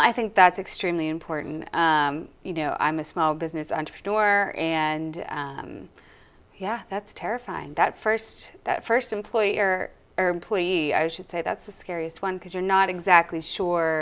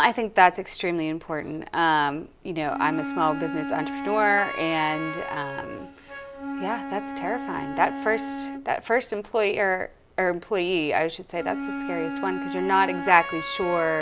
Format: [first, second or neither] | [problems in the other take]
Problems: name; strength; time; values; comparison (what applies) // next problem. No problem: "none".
first | background sound (Wind instrument, woodwind instrument); 9 dB below the speech